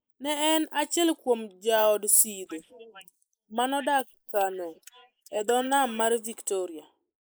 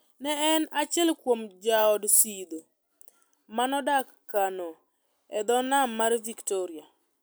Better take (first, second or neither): second